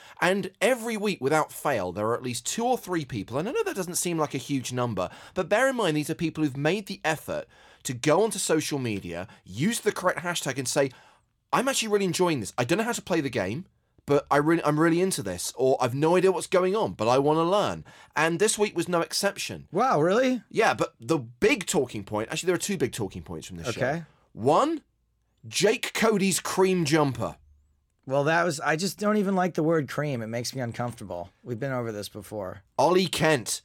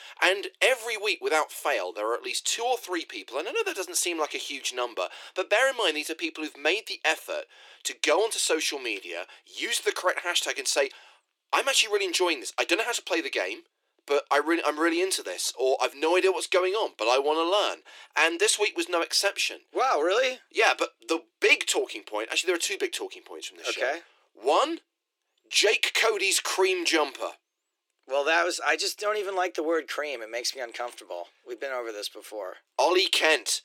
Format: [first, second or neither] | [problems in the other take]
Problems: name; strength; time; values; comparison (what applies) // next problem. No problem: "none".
first | thin; very; fading below 350 Hz